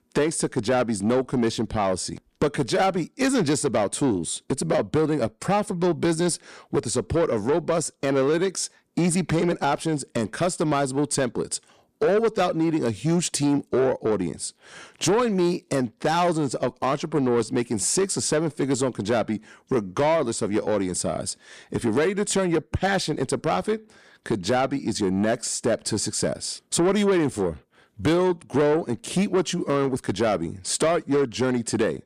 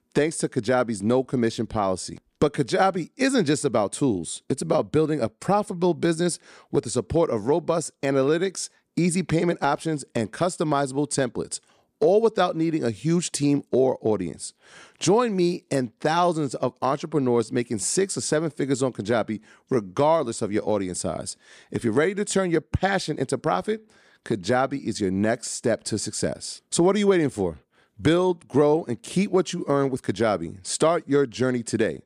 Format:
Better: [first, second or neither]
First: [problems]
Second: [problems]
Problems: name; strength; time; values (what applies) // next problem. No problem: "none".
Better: second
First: distortion; slight; 10 dB below the speech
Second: none